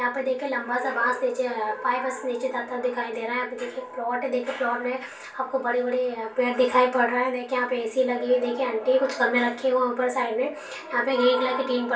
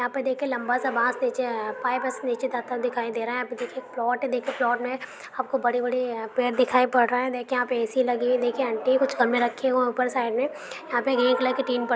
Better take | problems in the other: second | room echo; dies away in 0.3 s

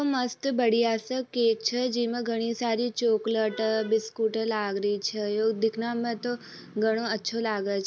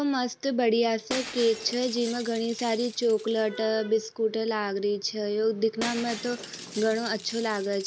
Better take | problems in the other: first | background sound (Shatter); 15 dB below the speech

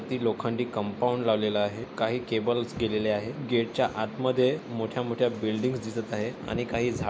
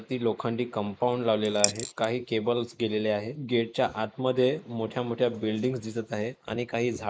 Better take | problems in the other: first | noise reduction (neural mask model Resemble Enhance denoiser)

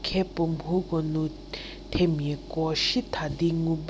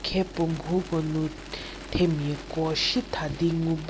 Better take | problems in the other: first | background sound (Bird); 18 dB below the speech

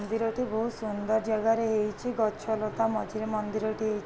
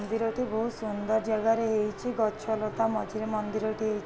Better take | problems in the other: first | background sound (Wind instrument, woodwind instrument); 20 dB below the speech

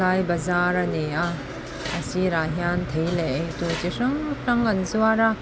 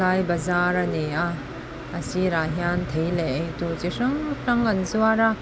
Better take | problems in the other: second | background sound (Dishes, pots, and pans); 15 dB below the speech

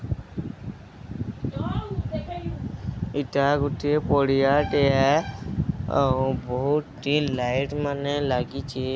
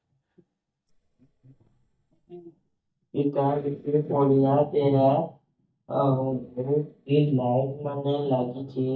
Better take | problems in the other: first | noise reduction (neural mask model DeepFilterNet 3)

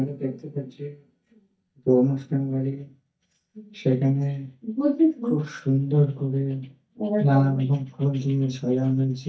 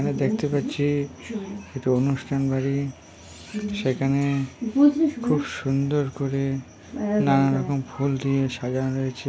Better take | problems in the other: second | noise reduction (neural mask model DeepFilterNet 3)

